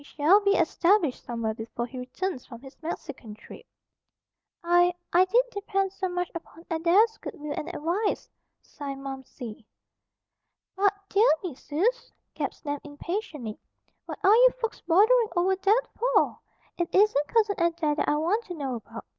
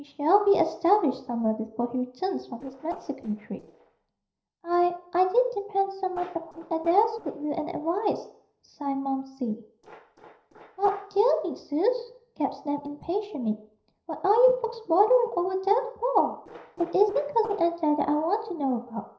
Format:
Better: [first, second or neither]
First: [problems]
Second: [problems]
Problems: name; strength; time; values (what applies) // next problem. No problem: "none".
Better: first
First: none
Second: noise reduction (neural separator model SepFormer DNS4)